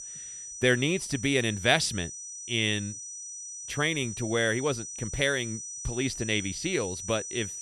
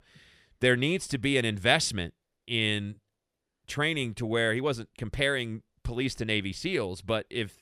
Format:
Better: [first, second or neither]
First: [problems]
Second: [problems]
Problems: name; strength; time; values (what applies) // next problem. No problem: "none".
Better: second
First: high-pitched whine; loud; throughout; 6 kHz, 9 dB below the speech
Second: none